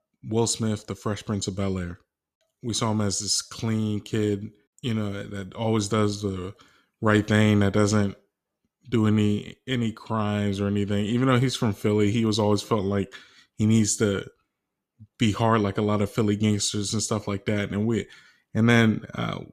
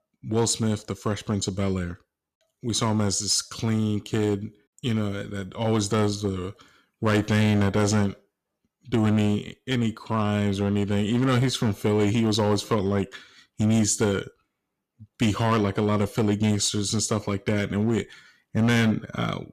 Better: first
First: none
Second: distortion; slight; 5% of the sound clipped

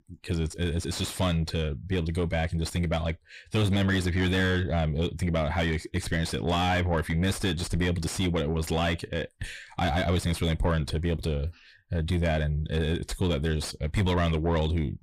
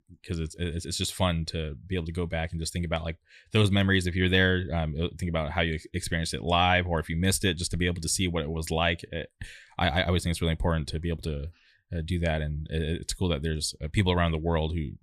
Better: second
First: distortion; heavy; 7 dB below the speech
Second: none

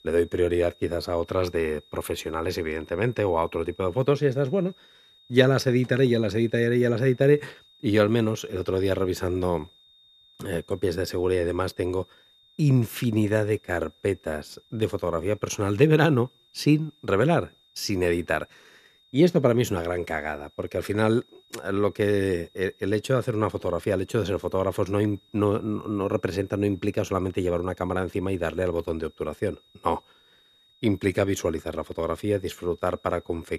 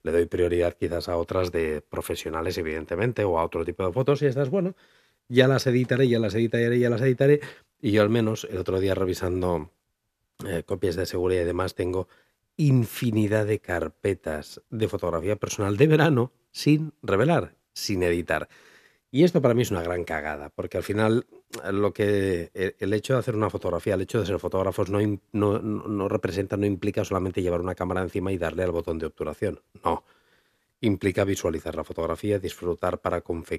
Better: second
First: high-pitched whine; faint; throughout; 3.5 kHz, 30 dB below the speech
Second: none

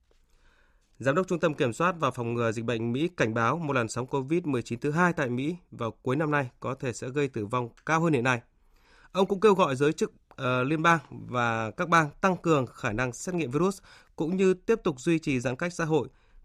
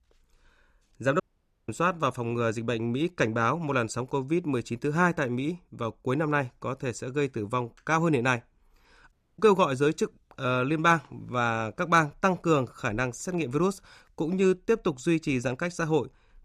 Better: first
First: none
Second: audio cutting out; at 1 s and at 9 s

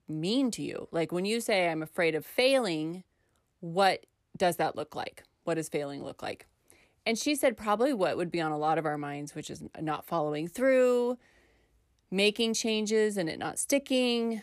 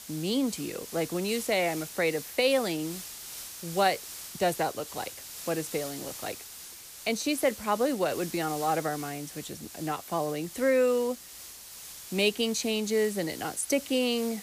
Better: first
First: none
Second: hiss; noticeable; throughout; 10 dB below the speech

